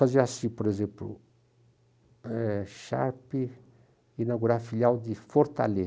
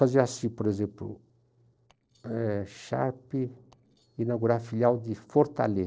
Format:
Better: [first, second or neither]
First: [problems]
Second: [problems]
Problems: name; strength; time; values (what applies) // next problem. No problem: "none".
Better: first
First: none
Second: noise reduction (neural separator model SepFormer DNS4)